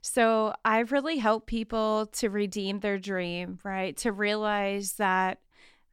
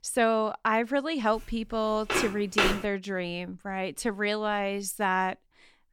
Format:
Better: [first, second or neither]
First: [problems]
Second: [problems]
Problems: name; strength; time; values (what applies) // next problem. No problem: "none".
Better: first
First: none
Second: footsteps; loud; from 1.5 to 3 s; peak 3 dB above the speech